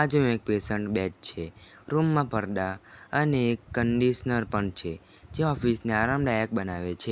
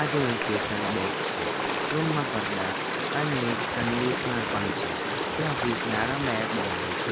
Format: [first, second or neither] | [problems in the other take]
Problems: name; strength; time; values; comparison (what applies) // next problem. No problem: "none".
first | background sound (Stream); 2 dB above the speech